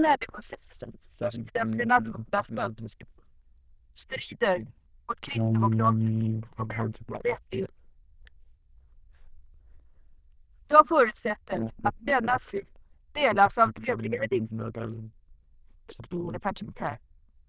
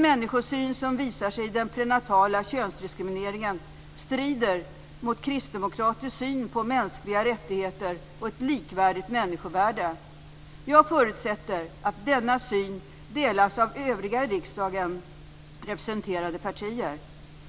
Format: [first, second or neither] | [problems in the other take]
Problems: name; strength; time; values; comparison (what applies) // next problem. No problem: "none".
second | noise reduction (neural diffusion model UNIVERSE++)